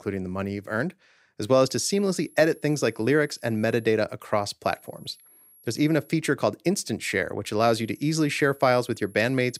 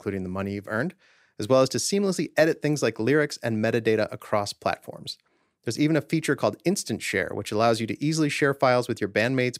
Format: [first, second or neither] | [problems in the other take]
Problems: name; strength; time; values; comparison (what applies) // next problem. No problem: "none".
second | high-pitched whine; faint; from 1.5 to 4 s, from 4.5 to 6 s and from 7.5 s on; 11 kHz, 30 dB below the speech